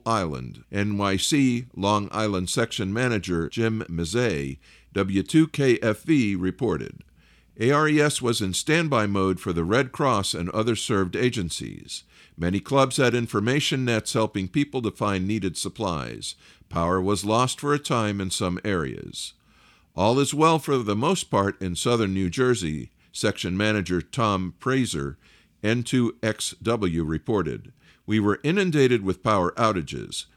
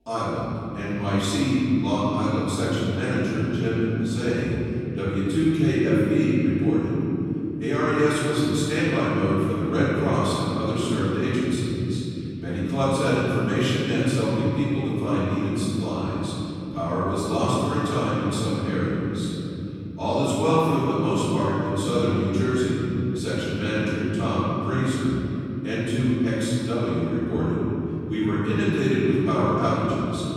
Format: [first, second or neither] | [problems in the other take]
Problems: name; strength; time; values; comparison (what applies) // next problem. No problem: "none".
first | off-mic speech; far // room echo; strong; dies away in 3 s